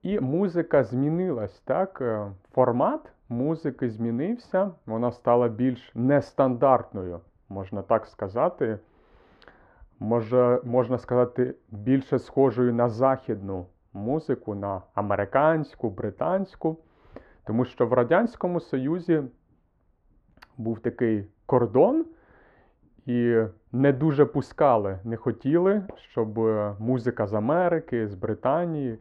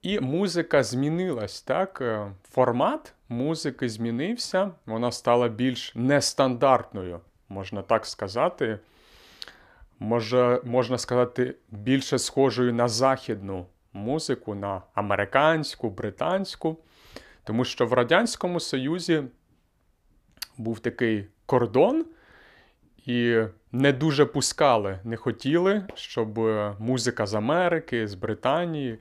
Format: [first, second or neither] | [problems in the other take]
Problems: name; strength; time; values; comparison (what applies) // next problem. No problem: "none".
second | muffled; very; fading above 3 kHz